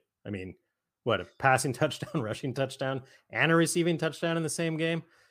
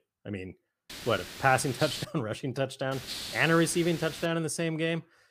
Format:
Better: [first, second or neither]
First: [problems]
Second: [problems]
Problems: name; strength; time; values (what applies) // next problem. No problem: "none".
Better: first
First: none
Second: hiss; noticeable; from 1 to 2 s and from 3 to 4.5 s; 10 dB below the speech